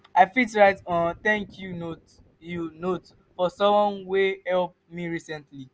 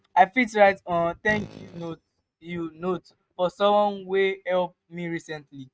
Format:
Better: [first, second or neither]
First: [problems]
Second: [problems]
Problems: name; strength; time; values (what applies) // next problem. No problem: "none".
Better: first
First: none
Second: noise reduction (neural mask model RNNoise)